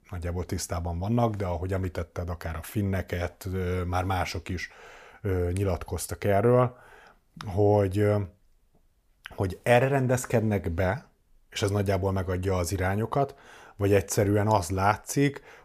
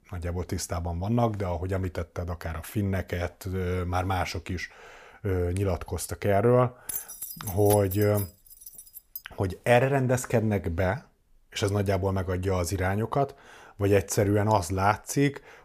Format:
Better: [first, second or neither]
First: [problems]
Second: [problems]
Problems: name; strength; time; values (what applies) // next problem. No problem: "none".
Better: first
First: none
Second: jangling keys; noticeable; from 7 to 9 s; peak 6 dB below the speech